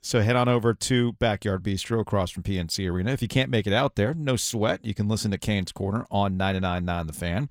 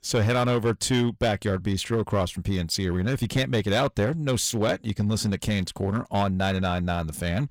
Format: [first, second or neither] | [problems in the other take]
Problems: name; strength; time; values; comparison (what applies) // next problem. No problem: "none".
first | distortion; slight; 5% of the sound clipped